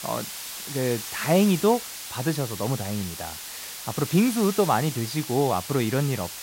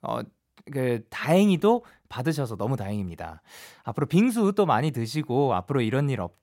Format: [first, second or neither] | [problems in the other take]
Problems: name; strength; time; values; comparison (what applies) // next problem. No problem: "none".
second | hiss; loud; throughout; 8 dB below the speech